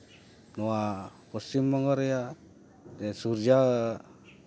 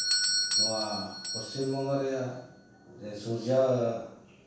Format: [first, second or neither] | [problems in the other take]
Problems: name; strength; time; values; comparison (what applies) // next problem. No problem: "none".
first | background sound (Doorbell); 2 dB below the speech // room echo; dies away in 0.7 s